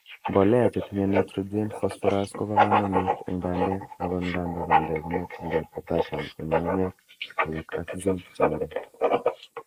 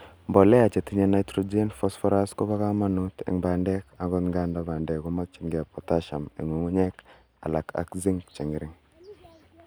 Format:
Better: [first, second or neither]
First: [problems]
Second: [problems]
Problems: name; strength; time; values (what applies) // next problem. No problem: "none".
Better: second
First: noise reduction (neural mask model Resemble Enhance denoiser)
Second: none